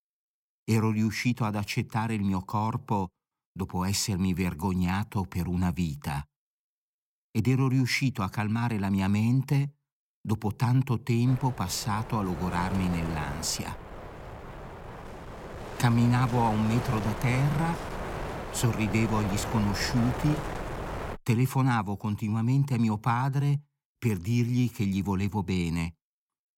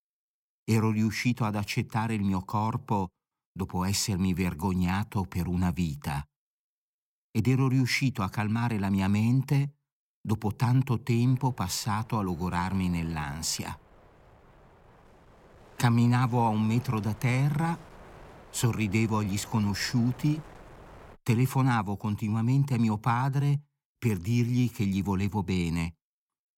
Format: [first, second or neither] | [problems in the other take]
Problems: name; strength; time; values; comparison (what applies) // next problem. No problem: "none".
second | wind noise on the microphone; heavy; from 11 to 21 s; 5 dB below the speech; occasional gusts in the second